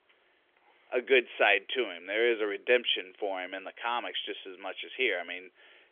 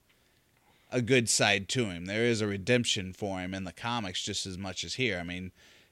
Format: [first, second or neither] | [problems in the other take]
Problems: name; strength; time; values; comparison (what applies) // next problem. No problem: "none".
second | phone-call audio; nothing above 3.5 kHz